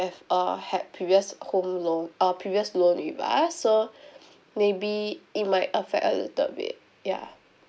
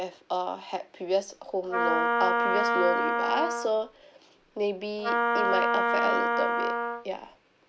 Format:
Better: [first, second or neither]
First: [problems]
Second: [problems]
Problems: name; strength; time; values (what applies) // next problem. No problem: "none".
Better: first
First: none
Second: background sound (Wind instrument, woodwind instrument); 4 dB above the speech